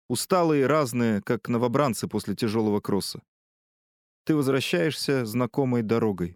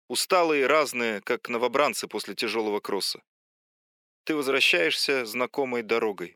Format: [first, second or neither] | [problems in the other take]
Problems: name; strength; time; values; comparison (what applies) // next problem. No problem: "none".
first | thin; somewhat; fading below 450 Hz